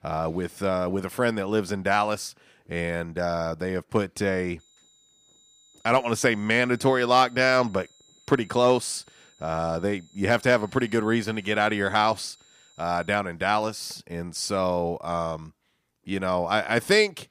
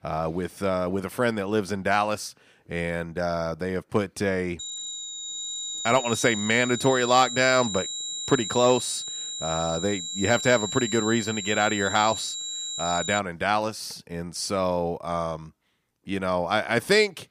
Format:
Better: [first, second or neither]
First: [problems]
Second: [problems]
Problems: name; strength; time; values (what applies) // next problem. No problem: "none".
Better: first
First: high-pitched whine; faint; from 4.5 to 13 s; 4 kHz, 30 dB below the speech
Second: high-pitched whine; loud; from 4.5 to 13 s; 4 kHz, 5 dB below the speech